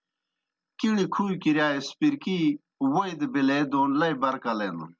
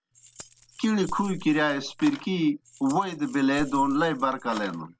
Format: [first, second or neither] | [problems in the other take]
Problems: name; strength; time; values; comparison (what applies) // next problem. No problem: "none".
first | background sound (Keys jangling); 17 dB below the speech